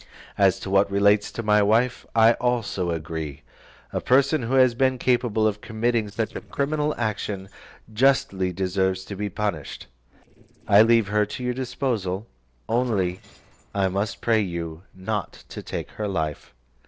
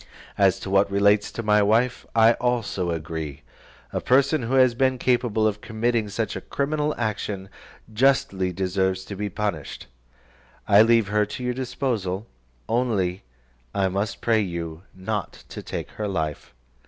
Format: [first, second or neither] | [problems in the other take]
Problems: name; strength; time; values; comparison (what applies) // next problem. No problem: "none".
second | noise reduction (neural separator model SepFormer DNS4)